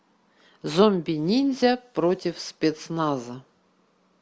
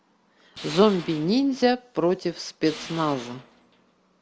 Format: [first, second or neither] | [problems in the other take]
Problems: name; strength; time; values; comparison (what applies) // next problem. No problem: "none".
first | background sound (Tools); 17 dB below the speech